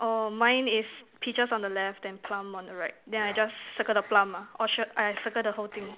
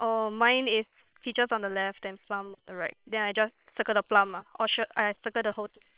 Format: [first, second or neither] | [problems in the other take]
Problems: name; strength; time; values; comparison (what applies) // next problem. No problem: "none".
first | noise reduction (neural separator model SepFormer WHAM!)